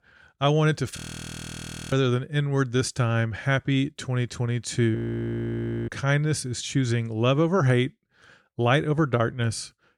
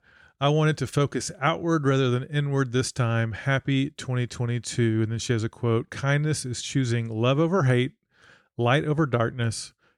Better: second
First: audio freezing; at 1 s for 1 s and at 5 s for 1 s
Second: none

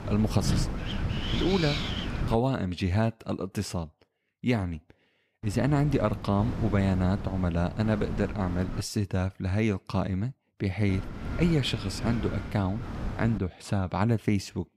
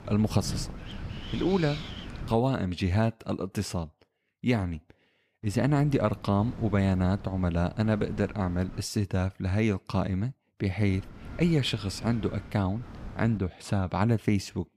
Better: second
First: wind noise on the microphone; heavy; until 2.5 s, from 5.5 to 9 s and from 11 to 13 s; 6 dB below the speech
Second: wind noise on the microphone; occasional gusts; until 2.5 s, from 5.5 to 9 s and from 11 to 13 s; 15 dB below the speech

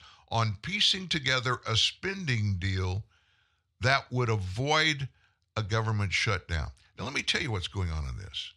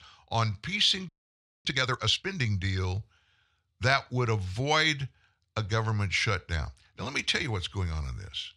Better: first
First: none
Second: audio freezing; at 1 s for 0.5 s

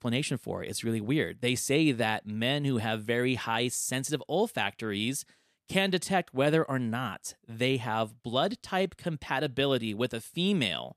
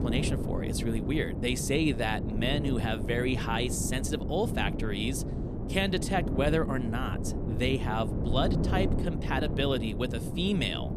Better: first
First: none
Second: wind noise on the microphone; heavy; 8 dB below the speech

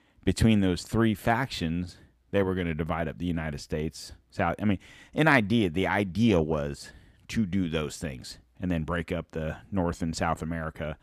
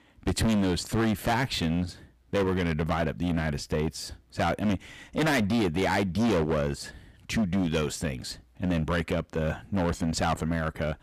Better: first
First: none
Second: distortion; heavy; 14% of the sound clipped

